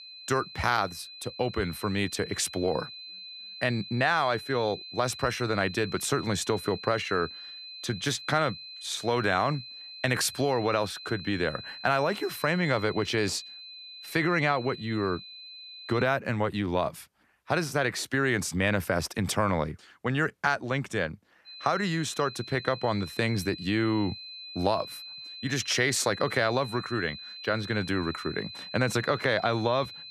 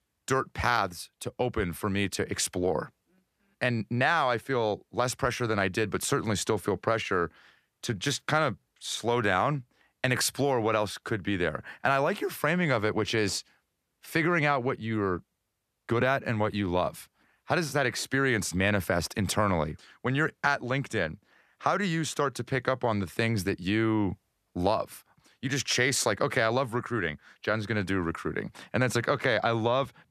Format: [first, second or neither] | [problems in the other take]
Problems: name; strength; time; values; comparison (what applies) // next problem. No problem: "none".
second | high-pitched whine; noticeable; until 16 s and from 21 s on; 4 kHz, 10 dB below the speech